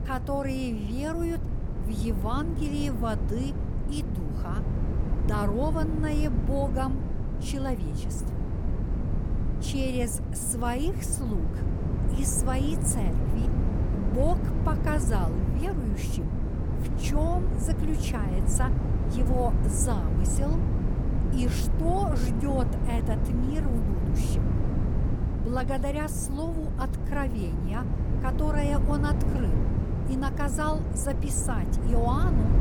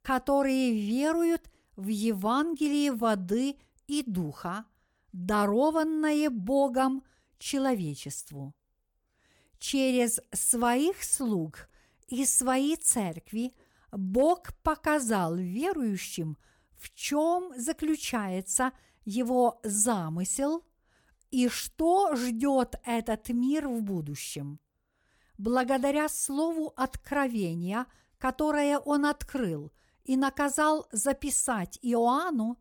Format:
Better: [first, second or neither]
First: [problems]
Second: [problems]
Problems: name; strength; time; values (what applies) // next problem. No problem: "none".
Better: second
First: wind noise on the microphone; heavy; 6 dB below the speech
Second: none